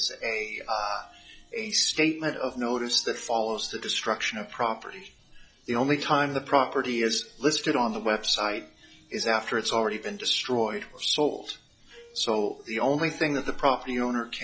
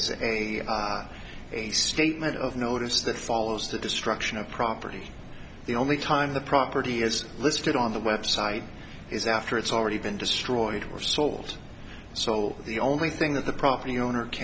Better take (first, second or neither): second